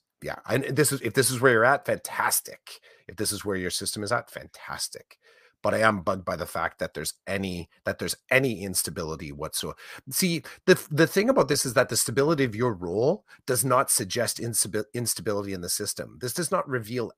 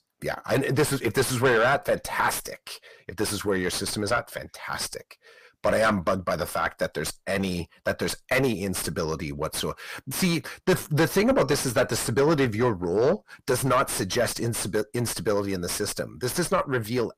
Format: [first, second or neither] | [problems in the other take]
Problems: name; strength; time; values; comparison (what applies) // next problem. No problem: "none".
first | distortion; heavy; 5 dB below the speech